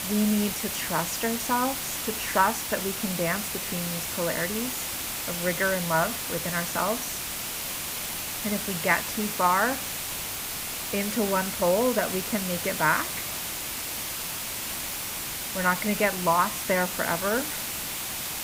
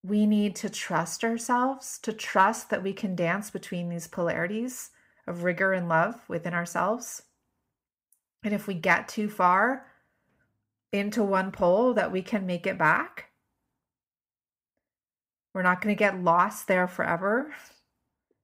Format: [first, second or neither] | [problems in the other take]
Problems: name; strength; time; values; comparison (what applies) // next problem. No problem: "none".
second | hiss; loud; throughout; 2 dB below the speech